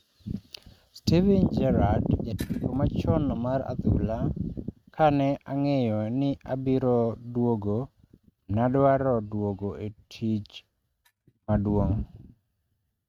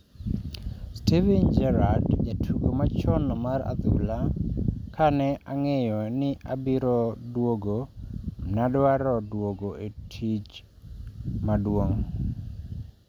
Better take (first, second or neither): second